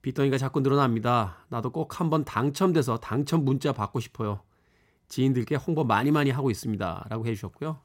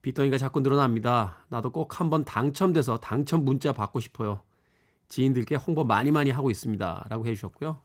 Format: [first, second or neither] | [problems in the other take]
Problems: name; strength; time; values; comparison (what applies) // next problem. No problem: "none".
first | garbled, watery; slightly; nothing above 16 kHz